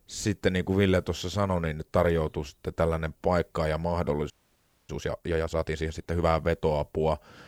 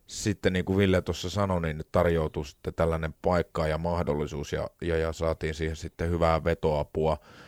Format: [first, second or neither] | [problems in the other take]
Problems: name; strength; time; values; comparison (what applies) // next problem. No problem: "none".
second | audio freezing; at 4.5 s for 0.5 s